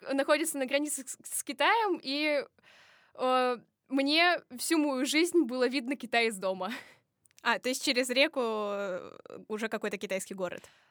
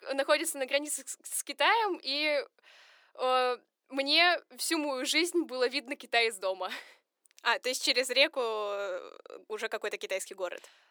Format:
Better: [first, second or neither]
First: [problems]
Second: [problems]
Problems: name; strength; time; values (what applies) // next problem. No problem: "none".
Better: first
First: none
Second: thin; somewhat; fading below 350 Hz